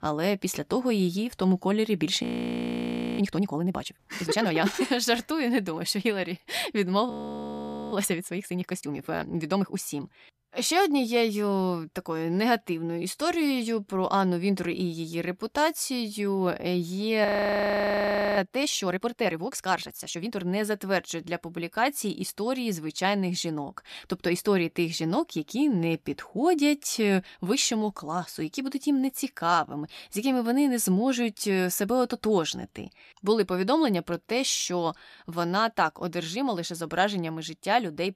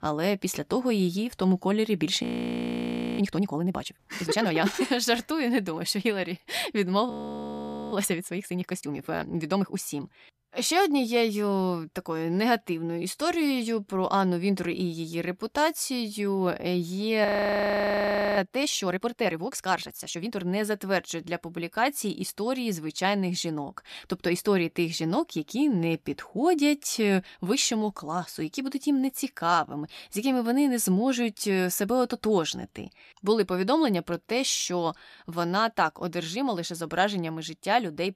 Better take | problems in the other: neither | audio freezing; at 2 s for 1 s, at 7 s for 1 s and at 17 s for 1 s; the same in both

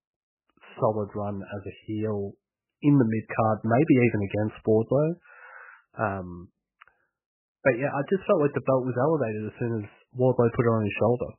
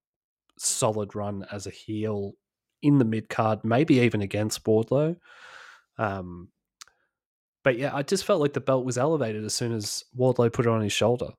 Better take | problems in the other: second | garbled, watery; badly; nothing above 3 kHz

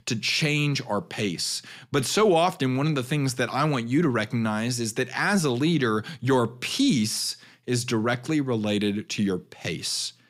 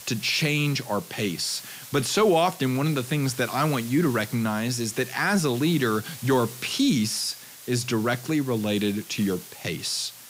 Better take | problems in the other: first | hiss; noticeable; throughout; 15 dB below the speech

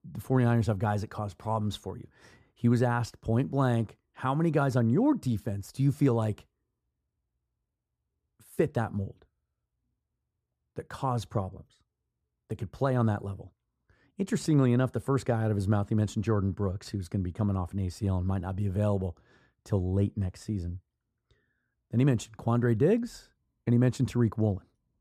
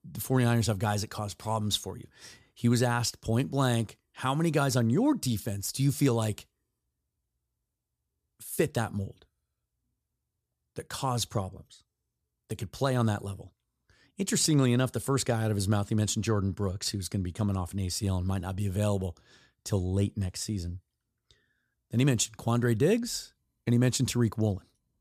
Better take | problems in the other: second | muffled; slightly; fading above 2.5 kHz

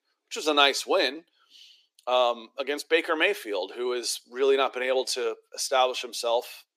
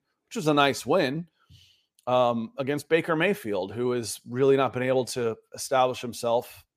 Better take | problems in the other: second | thin; somewhat; fading below 300 Hz

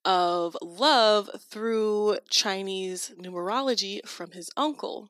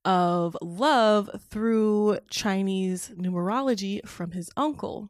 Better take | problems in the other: second | thin; somewhat; fading below 300 Hz

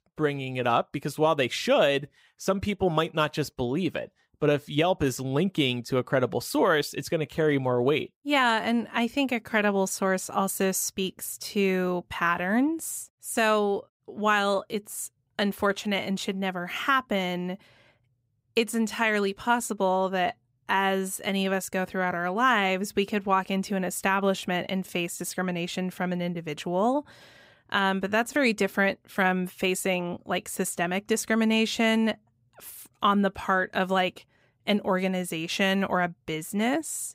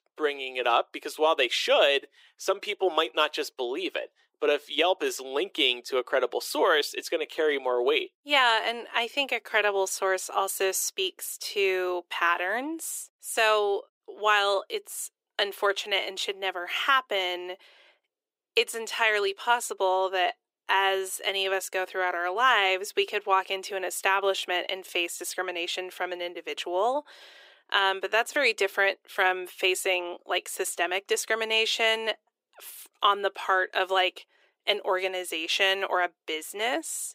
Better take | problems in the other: first | thin; very; fading below 350 Hz

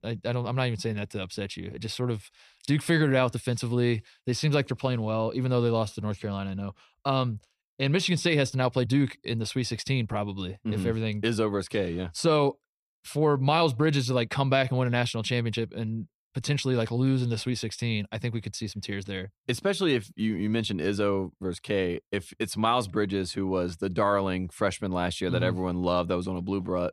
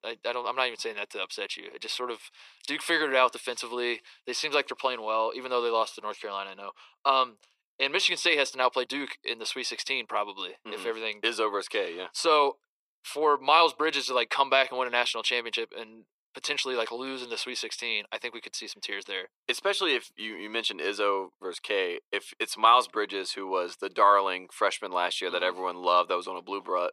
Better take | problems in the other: first | thin; very; fading below 400 Hz

